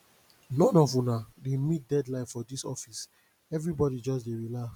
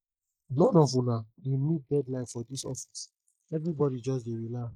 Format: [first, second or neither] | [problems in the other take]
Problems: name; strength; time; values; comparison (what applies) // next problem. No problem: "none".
first | noise reduction (neural mask model Resemble Enhance denoiser)